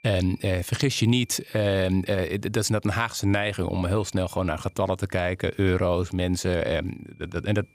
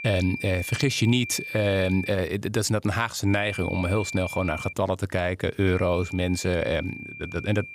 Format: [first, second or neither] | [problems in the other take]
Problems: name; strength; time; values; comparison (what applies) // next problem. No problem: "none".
first | high-pitched whine; loud; until 2 s, from 3.5 to 4.5 s and from 5.5 s on; 2.5 kHz, 10 dB below the speech; faint in the first